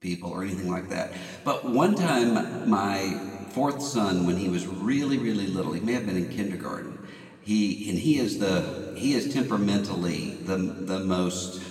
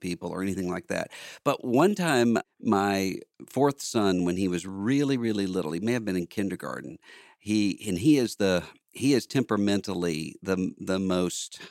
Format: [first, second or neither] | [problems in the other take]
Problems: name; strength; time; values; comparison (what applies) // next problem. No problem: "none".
second | room echo; noticeable; dies away in 1.8 s // off-mic speech; somewhat distant